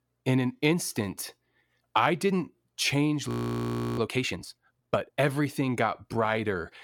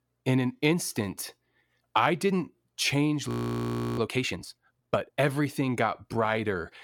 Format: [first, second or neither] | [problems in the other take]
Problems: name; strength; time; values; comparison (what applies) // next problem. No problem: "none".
neither | audio freezing; at 3.5 s for 0.5 s; the same in both